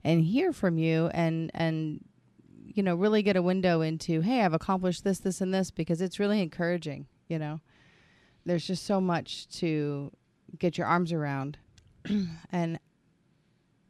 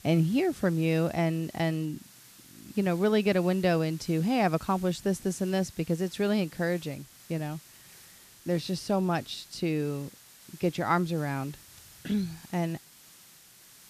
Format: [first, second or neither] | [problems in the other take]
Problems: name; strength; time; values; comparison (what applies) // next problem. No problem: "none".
first | hiss; faint; throughout; 20 dB below the speech